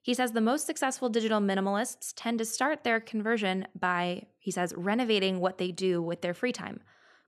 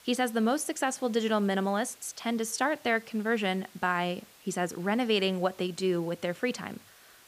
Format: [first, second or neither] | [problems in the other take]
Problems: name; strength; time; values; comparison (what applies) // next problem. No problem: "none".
first | hiss; faint; throughout; 25 dB below the speech